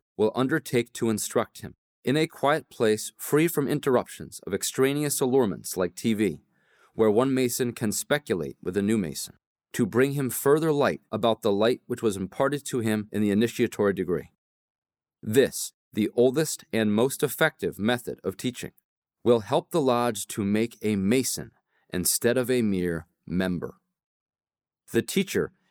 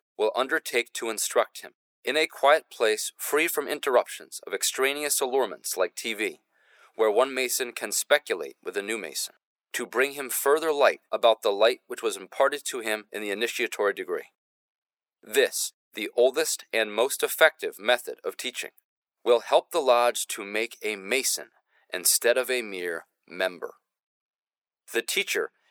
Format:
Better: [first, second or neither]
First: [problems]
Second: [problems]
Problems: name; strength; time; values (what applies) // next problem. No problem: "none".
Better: first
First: none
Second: thin; very; fading below 500 Hz